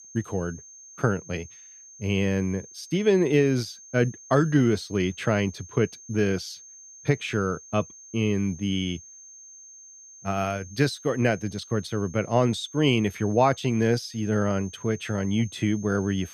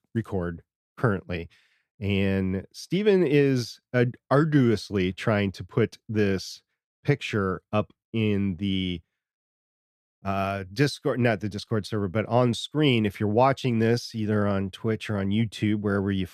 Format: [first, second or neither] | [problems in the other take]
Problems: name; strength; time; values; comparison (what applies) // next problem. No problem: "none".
second | high-pitched whine; noticeable; throughout; 6.5 kHz, 20 dB below the speech